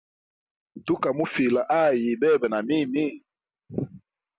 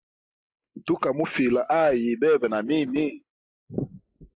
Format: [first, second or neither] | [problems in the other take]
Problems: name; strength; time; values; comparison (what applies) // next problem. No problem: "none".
first | noise reduction (neural mask model Resemble Enhance denoiser)